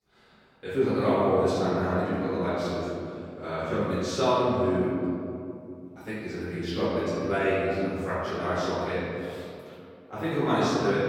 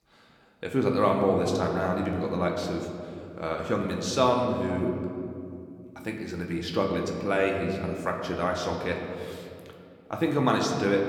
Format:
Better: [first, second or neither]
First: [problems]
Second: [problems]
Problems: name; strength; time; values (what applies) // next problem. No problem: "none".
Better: second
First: room echo; strong; dies away in 2.4 s // off-mic speech; far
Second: room echo; slight; dies away in 2.3 s